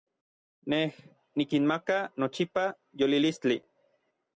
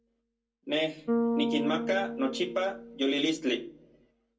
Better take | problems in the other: first | background sound (Bass guitar); 3 dB below the speech // room echo; dies away in 0.2 s

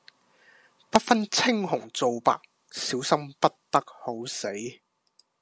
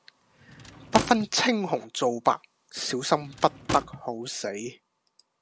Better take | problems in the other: first | background sound (Drawer open or close / Wood); 10 dB below the speech

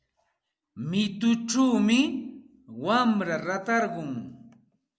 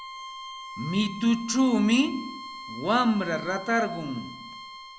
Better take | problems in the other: first | background sound (Bowed string instrument); 14 dB below the speech

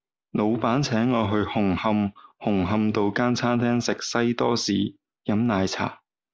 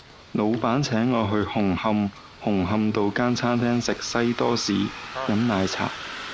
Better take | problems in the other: first | background sound (Bus); 15 dB below the speech

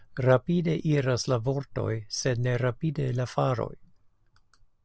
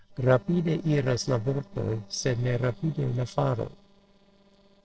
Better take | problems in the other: first | noise reduction (neural separator model SepFormer DNS4)

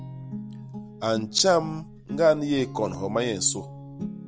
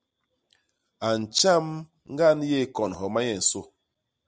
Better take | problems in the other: second | background sound (Guitar); 11 dB below the speech

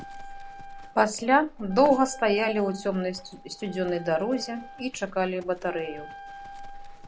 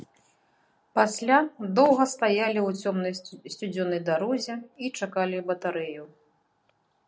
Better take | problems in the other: second | background sound (Livestock, farm animals, working animals + Wind instrument, woodwind instrument); 15 dB below the speech

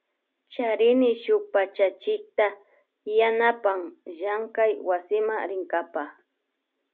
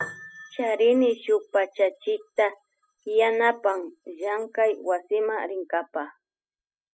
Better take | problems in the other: first | noise reduction (classical method spectral subtraction)

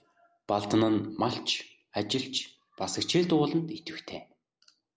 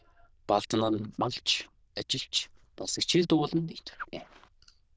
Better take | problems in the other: first | noise reduction (neural diffusion model UNIVERSE++)

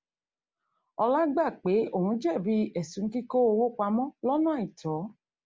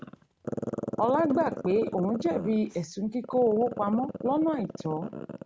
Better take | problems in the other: first | background sound (Bowed string instrument + Growling); 9 dB below the speech

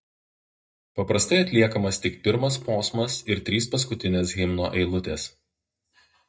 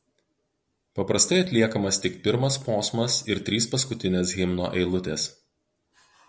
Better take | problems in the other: second | noise reduction (neural mask model DeepFilterNet 3)

